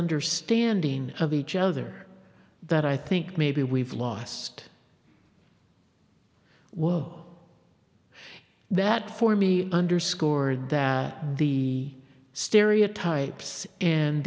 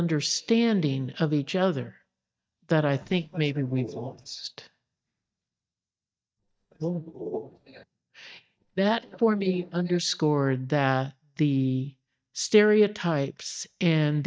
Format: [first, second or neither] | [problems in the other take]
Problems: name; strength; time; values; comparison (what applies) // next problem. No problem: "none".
first | noise reduction (neural mask model DeepFilterNet 3)